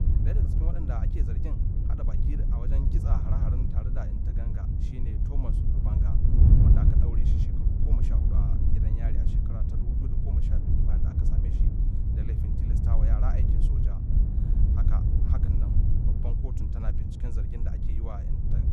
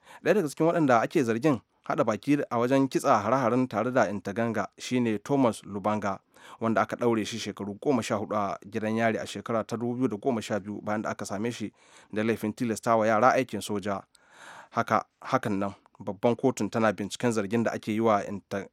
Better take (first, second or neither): second